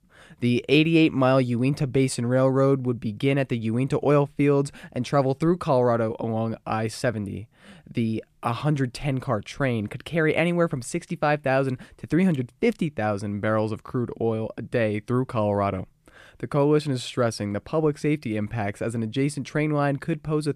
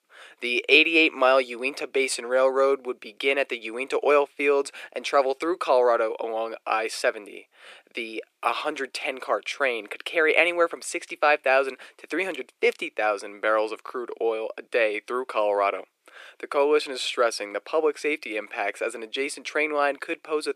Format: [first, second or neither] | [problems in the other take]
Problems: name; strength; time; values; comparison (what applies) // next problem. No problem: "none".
first | thin; very; fading below 400 Hz